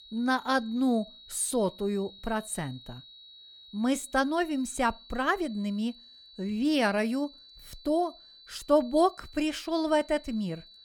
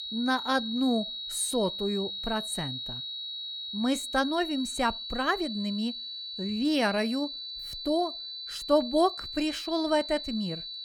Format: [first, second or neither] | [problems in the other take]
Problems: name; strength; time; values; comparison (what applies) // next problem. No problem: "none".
first | high-pitched whine; loud; throughout; 4 kHz, 6 dB below the speech; faint in the first